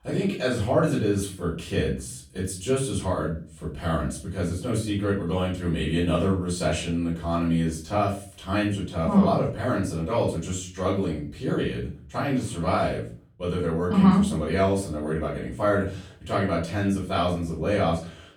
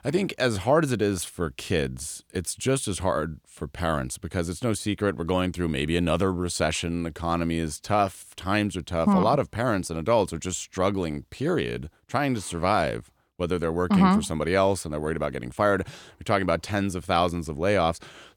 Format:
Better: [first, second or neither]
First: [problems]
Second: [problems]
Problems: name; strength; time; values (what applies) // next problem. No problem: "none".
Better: second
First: off-mic speech; far // room echo; noticeable; dies away in 0.4 s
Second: none